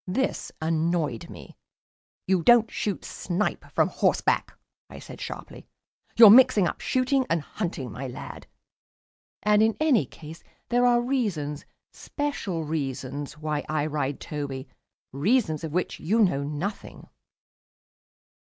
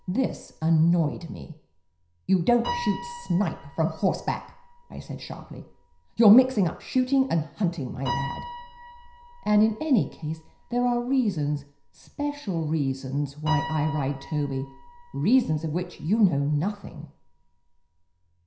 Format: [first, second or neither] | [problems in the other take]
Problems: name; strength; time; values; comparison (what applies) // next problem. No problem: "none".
first | background sound (Piano); 15 dB below the speech // room echo; dies away in 0.5 s